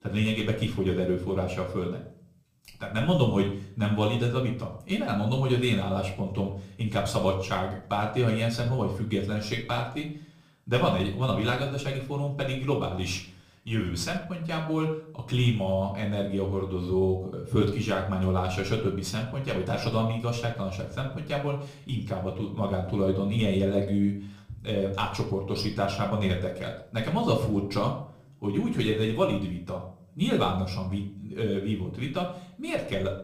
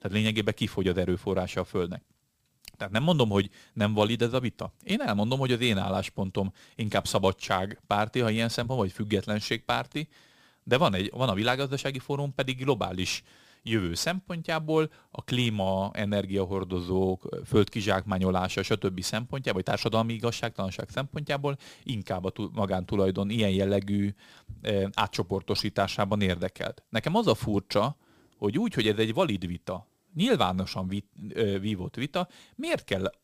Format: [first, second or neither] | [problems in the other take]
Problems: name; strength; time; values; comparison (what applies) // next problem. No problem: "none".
second | off-mic speech; far // room echo; slight; dies away in 0.5 s